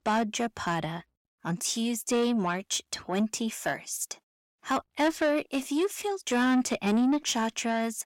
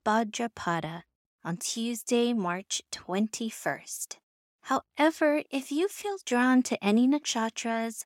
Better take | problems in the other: second | distortion; slight; 10 dB below the speech

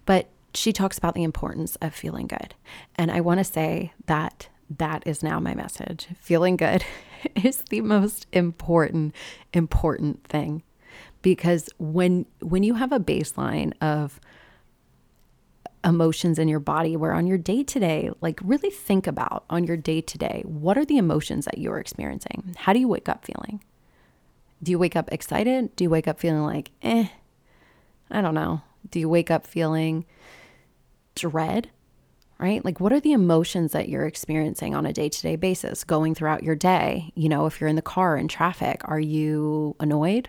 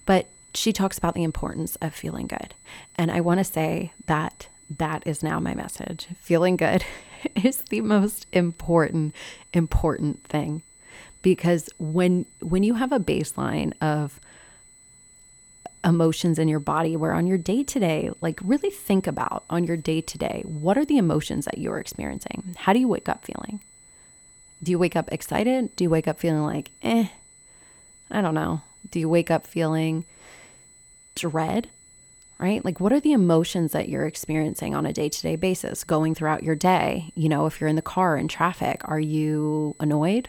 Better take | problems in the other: first | high-pitched whine; faint; throughout; 8 kHz, 25 dB below the speech

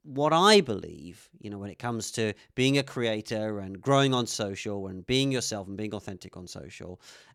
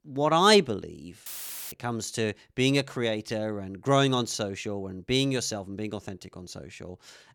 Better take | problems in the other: first | audio cutting out; filled with static; at 1.5 s

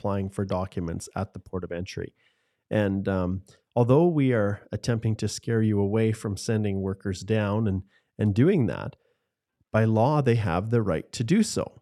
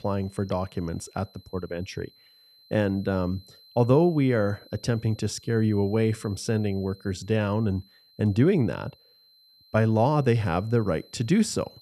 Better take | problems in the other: first | high-pitched whine; faint; throughout; 4 kHz, 25 dB below the speech

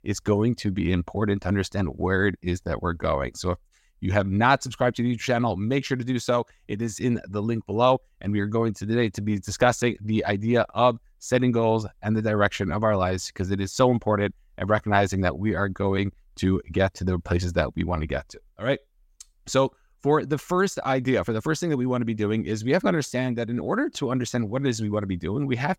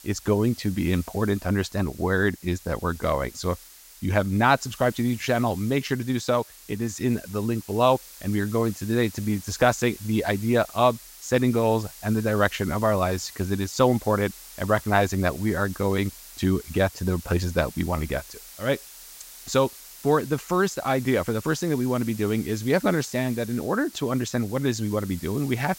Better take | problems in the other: first | hiss; noticeable; throughout; 15 dB below the speech

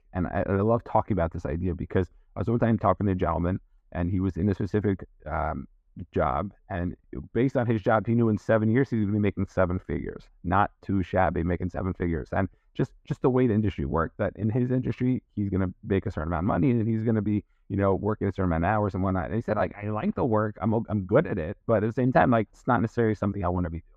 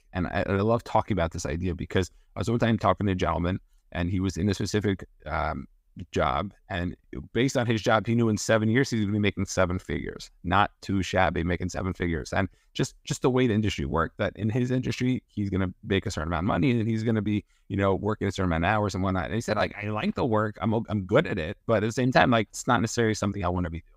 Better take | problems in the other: second | muffled; very; fading above 3 kHz

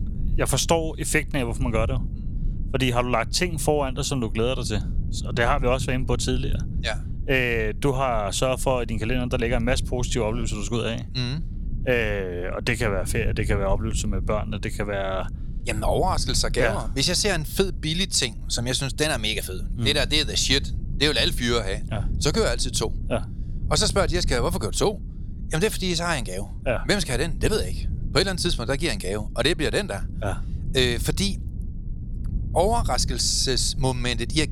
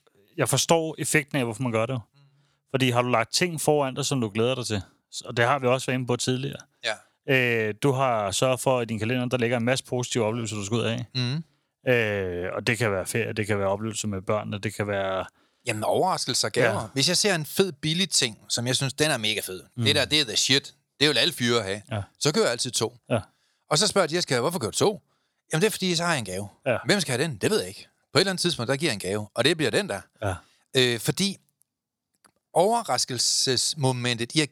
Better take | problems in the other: second | low rumble; faint; throughout; 20 dB below the speech

